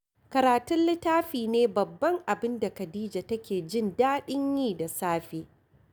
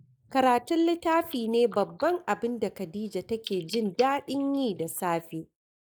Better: first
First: none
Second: noise reduction (neural mask model Resemble Enhance denoiser)

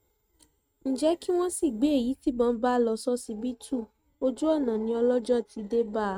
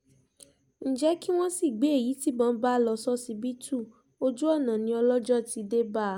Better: second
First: noise reduction (neural mask model RNNoise)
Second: none

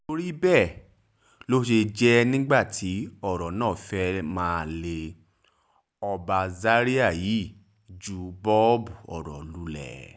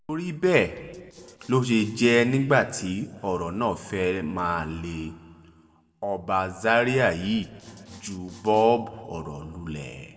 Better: first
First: none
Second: noise reduction (neural separator model SepFormer DNS4)

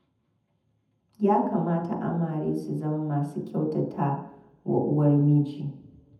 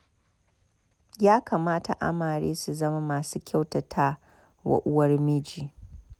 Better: second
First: room echo; dies away in 0.8 s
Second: none

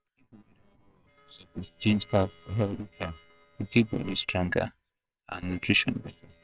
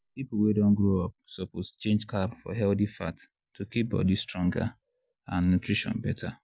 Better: second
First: noise reduction (neural separator model SepFormer WHAMR!)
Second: none

